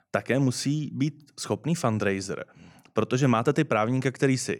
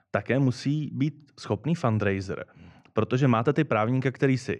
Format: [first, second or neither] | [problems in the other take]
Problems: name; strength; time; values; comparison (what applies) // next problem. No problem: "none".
first | muffled; slightly; fading above 3.5 kHz